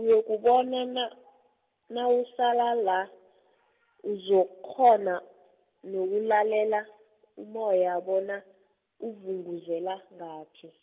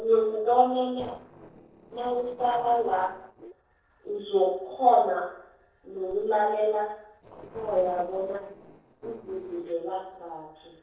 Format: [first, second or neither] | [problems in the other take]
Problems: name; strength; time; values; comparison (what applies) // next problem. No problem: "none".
first | noise reduction (neural separator model SepFormer DNS4)